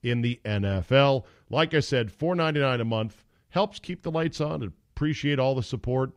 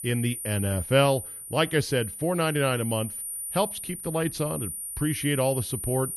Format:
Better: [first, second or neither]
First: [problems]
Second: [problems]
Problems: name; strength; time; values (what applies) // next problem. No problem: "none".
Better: first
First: none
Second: high-pitched whine; loud; throughout; 9.5 kHz, 6 dB below the speech